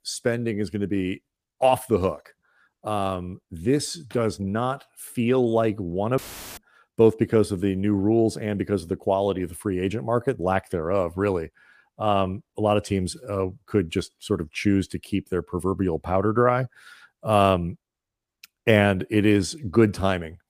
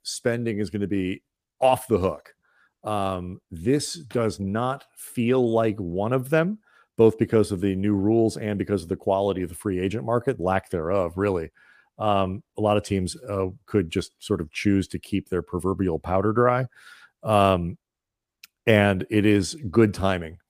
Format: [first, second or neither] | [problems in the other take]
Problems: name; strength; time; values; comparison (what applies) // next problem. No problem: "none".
second | audio cutting out; filled with static; at 6 s